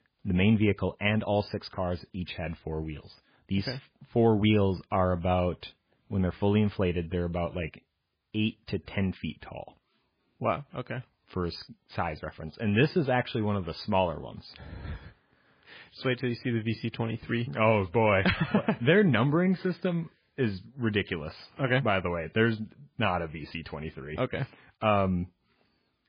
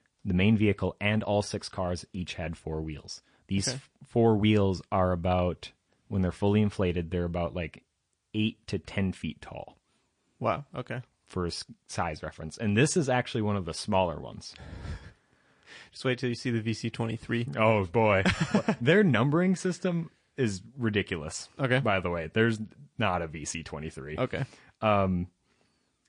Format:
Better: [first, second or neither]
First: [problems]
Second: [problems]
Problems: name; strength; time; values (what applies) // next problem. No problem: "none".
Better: second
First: garbled, watery; badly; nothing above 5 kHz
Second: garbled, watery; slightly; nothing above 8.5 kHz